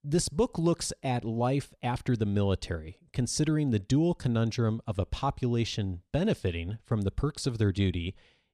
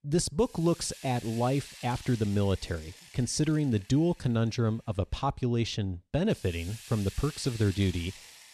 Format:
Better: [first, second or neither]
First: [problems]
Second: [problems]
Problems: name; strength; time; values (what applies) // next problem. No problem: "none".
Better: first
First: none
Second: hiss; noticeable; throughout; 15 dB below the speech